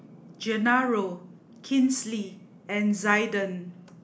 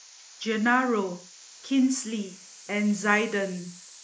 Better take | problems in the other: first | noise reduction (neural mask model Resemble Enhance denoiser)

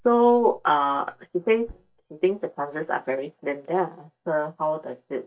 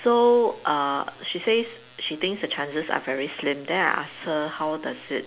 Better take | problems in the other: second | noise reduction (neural mask model DeepFilterNet 3)

